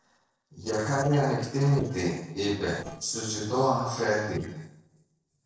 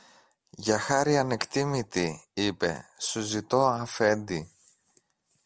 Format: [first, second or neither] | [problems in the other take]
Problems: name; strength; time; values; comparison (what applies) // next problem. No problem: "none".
second | noise reduction (neural separator model SepFormer DNS4)